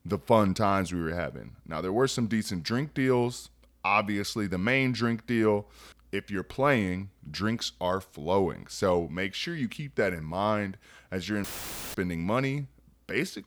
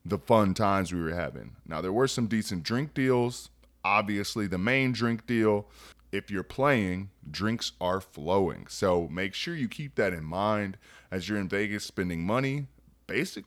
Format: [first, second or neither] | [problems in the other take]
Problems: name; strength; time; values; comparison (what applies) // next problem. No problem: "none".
second | audio cutting out; filled with static; at 11 s for 0.5 s